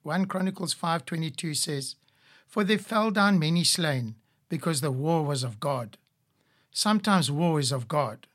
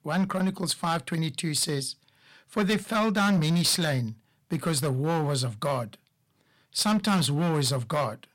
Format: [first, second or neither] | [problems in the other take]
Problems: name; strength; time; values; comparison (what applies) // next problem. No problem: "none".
first | distortion; slight; 9% of the sound clipped